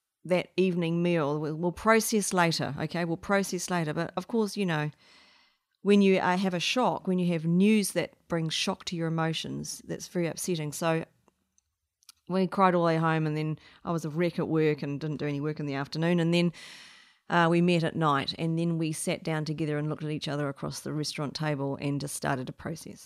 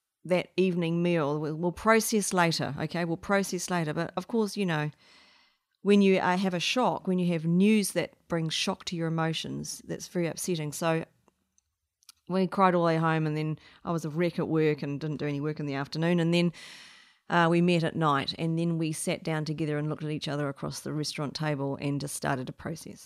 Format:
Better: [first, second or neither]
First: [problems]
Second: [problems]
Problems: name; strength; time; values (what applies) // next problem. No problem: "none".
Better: neither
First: none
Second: none